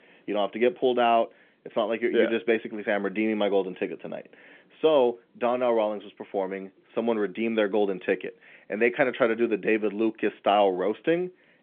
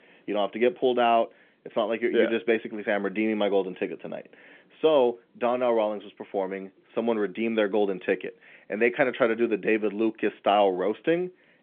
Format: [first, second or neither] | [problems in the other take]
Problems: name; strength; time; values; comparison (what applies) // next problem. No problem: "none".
neither | phone-call audio; nothing above 3.5 kHz; the same in both